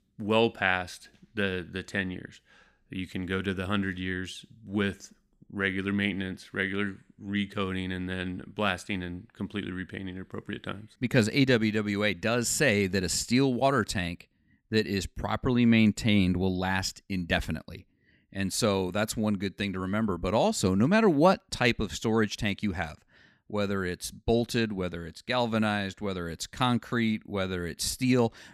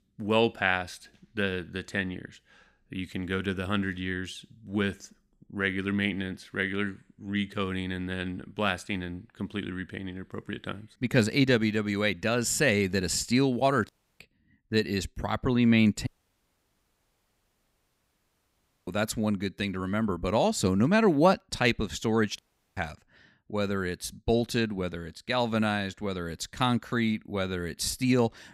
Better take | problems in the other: first | audio cutting out; at 14 s, at 16 s for 3 s and at 22 s

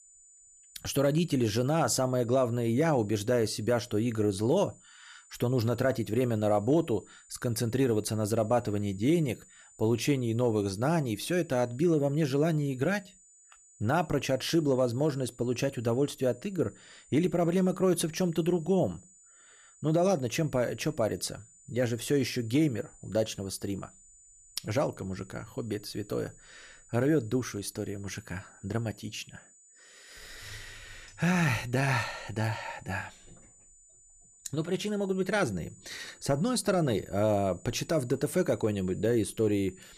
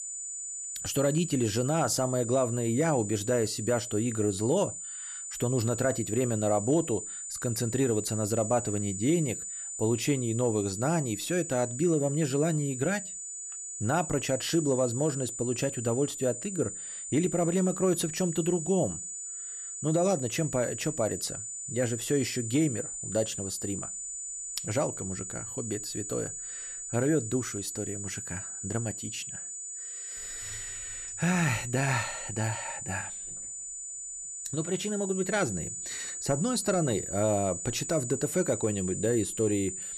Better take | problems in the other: first | high-pitched whine; loud; throughout; 7 kHz, 6 dB below the speech; faint in the first

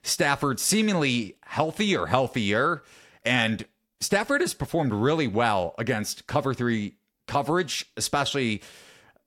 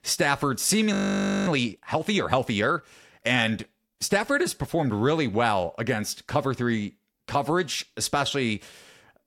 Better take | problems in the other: first | audio freezing; at 1 s for 0.5 s

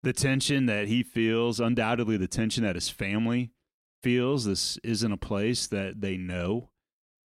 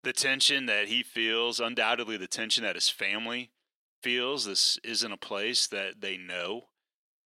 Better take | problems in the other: first | thin; very; fading below 500 Hz

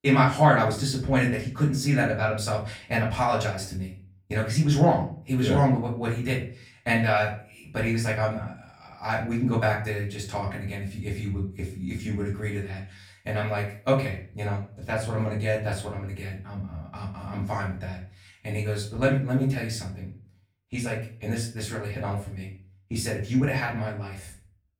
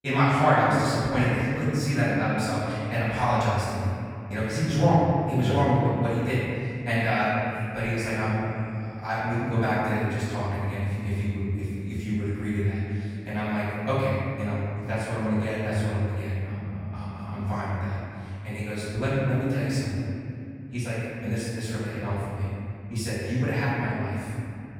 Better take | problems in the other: first | room echo; strong; dies away in 2.7 s; slight in the first // off-mic speech; far; far in the first

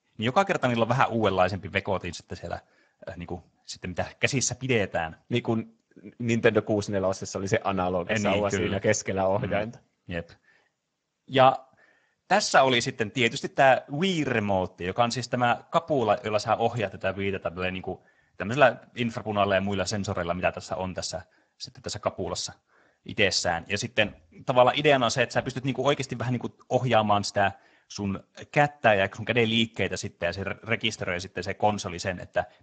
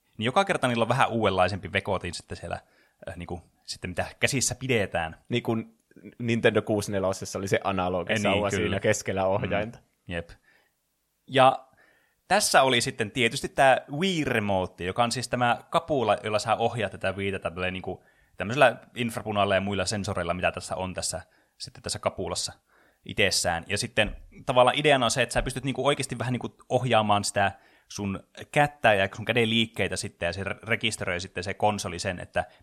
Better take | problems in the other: second | garbled, watery; badly; nothing above 7.5 kHz

